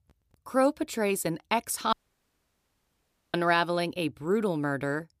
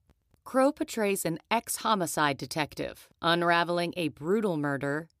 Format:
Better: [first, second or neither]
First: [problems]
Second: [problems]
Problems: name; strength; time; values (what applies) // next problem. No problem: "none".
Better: second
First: audio cutting out; at 2 s for 1.5 s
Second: none